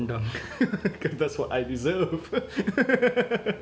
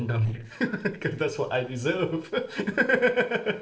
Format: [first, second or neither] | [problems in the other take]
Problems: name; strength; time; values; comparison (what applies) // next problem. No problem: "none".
first | noise reduction (neural separator model SepFormer DNS4)